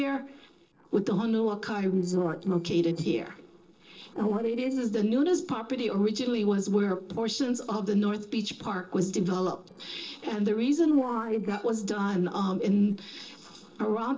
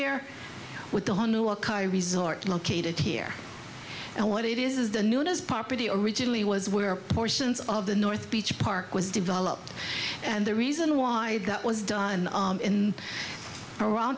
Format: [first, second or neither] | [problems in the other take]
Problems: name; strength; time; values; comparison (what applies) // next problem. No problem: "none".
second | noise reduction (neural separator model SepFormer DNS4)